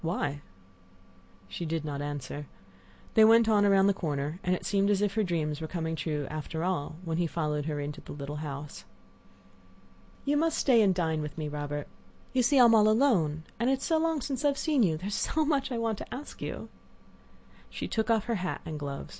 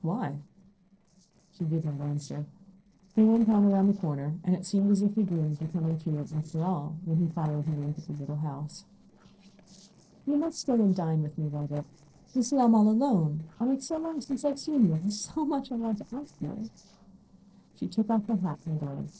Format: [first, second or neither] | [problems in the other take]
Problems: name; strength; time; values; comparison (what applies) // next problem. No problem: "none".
first | noise reduction (neural separator model SepFormer DNS4)